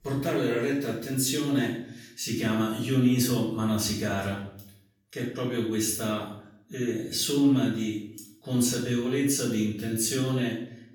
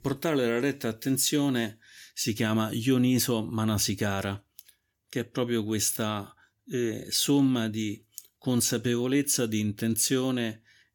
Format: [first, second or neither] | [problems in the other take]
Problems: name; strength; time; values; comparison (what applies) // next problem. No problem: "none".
second | off-mic speech; far // room echo; noticeable; dies away in 0.5 s